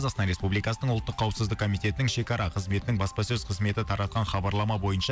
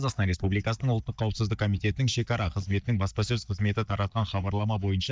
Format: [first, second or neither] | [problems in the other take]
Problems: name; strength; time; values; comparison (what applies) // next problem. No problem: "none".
first | noise reduction (neural mask model DeepFilterNet 3)